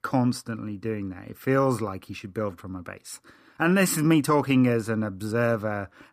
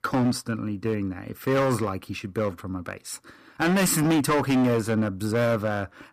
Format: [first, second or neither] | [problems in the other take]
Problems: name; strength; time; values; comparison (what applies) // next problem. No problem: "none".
first | distortion; heavy; 12% of the sound clipped